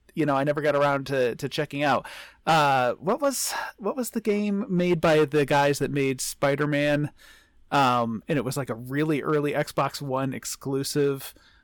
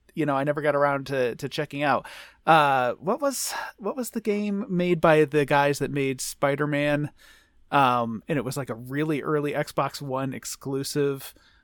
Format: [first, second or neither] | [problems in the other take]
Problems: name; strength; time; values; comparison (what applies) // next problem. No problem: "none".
second | distortion; slight; 4% of the sound clipped